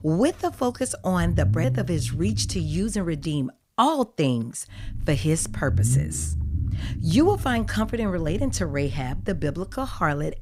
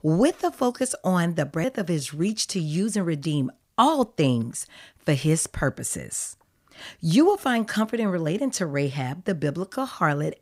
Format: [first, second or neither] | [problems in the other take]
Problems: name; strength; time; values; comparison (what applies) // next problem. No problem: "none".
second | low rumble; noticeable; until 3.5 s and from 5 s on; 15 dB below the speech